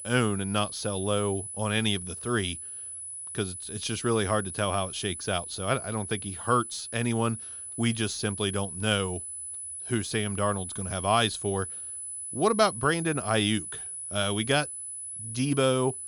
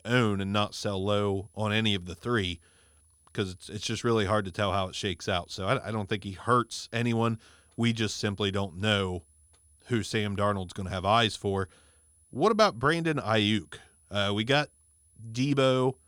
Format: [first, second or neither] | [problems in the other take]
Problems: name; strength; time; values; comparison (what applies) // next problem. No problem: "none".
second | high-pitched whine; loud; throughout; 10 kHz, 7 dB below the speech; faint in the second